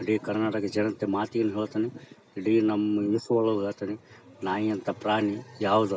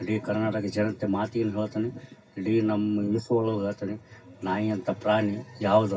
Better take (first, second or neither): first